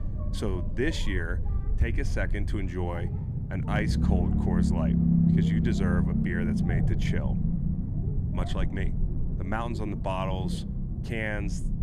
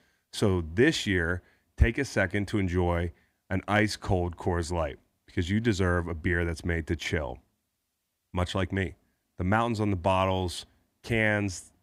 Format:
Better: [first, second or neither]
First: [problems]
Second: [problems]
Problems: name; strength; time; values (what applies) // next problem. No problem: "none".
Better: second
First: low rumble; loud; throughout; 3 dB below the speech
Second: none